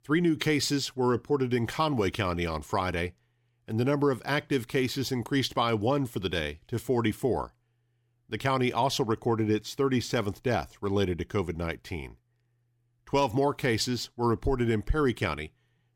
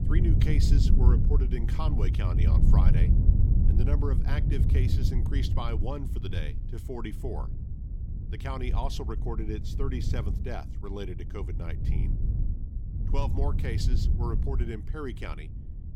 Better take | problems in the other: first | wind noise on the microphone; heavy; 3 dB below the speech

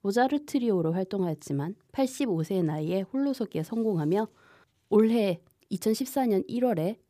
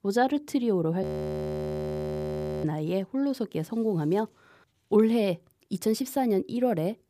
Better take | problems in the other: first | audio freezing; at 1 s for 1.5 s

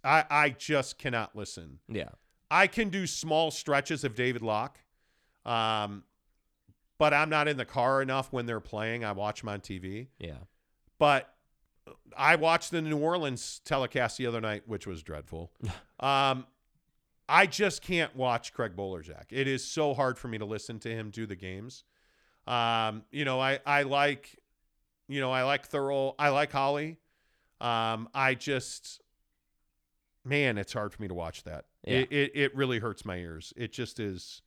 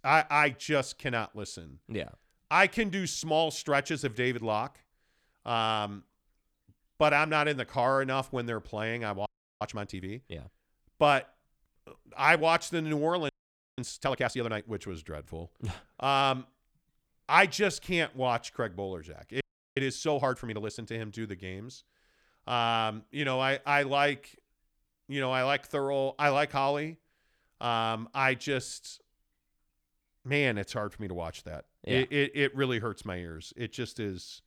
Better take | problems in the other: first | audio freezing; at 9.5 s, at 13 s and at 19 s

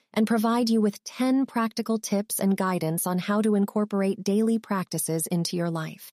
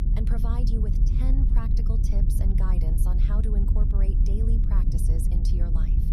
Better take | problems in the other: first | low rumble; loud; throughout; as loud as the speech

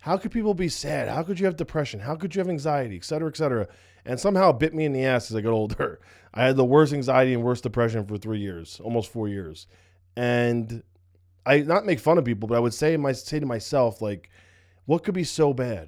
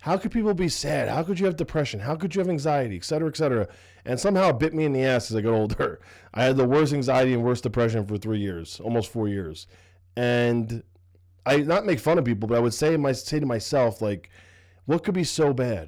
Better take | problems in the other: first | distortion; slight; 10 dB below the speech

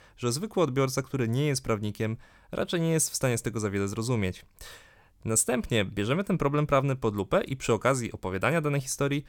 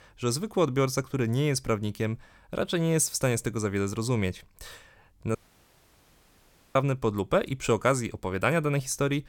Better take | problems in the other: first | audio cutting out; at 5.5 s for 1.5 s

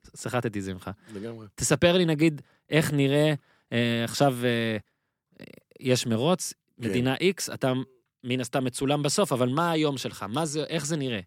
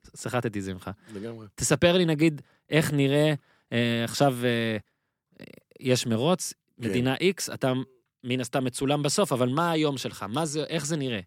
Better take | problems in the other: neither | none

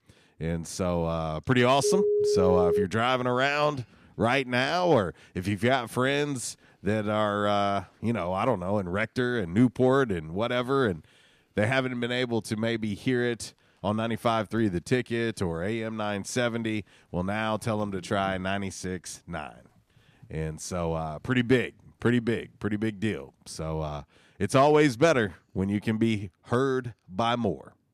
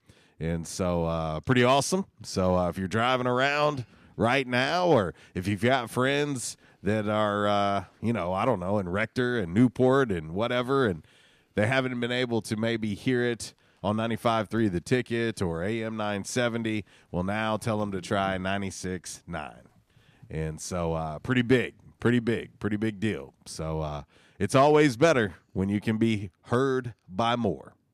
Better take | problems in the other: second | phone ringing; loud; from 2 to 3 s; peak 3 dB above the speech

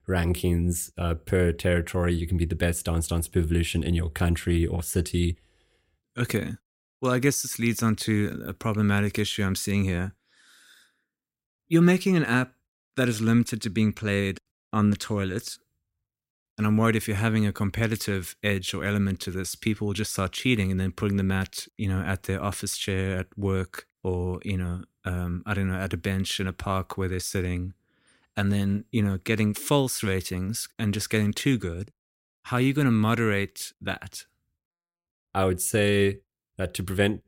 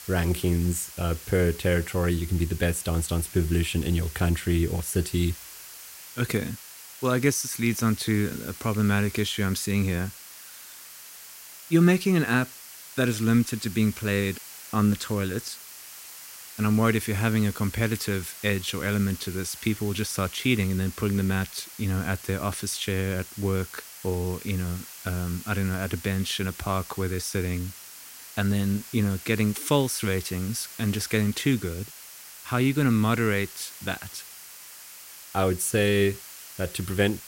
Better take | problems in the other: first | hiss; noticeable; throughout; 15 dB below the speech

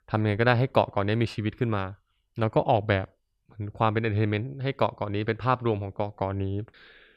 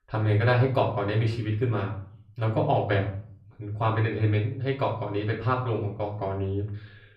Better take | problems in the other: first | off-mic speech; far // room echo; slight; dies away in 0.5 s

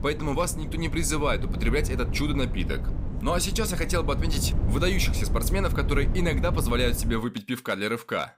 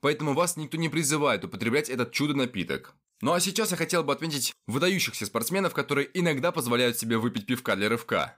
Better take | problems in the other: second | wind noise on the microphone; occasional gusts; until 7 s; 10 dB below the speech

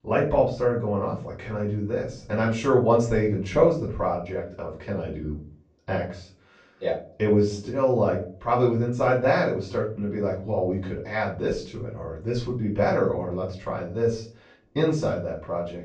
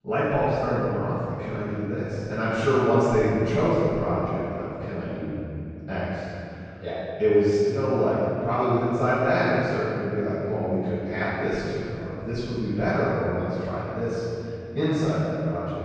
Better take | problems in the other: first | room echo; strong; dies away in 2.9 s; slight in the first // off-mic speech; far; far in the first

